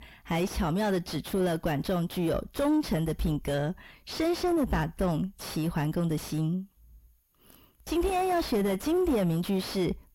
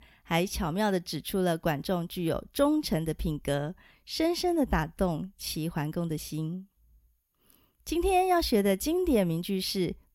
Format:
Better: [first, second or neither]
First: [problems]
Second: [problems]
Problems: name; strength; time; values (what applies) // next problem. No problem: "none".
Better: second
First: distortion; heavy; 6 dB below the speech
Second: none